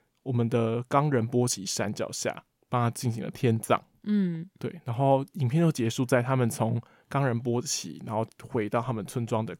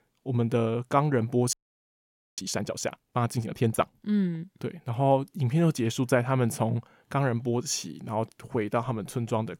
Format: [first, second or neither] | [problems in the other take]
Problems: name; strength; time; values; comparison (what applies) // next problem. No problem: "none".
first | audio freezing; at 1.5 s for 1 s